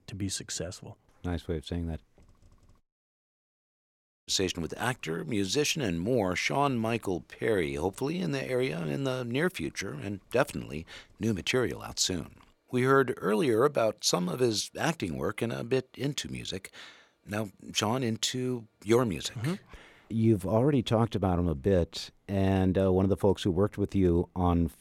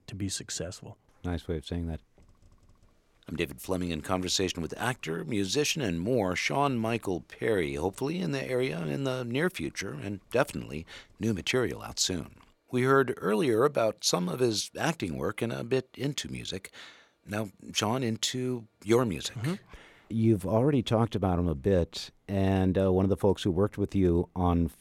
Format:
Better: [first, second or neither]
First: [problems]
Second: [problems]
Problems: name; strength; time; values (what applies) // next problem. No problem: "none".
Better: second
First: audio cutting out; at 3 s for 1.5 s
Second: none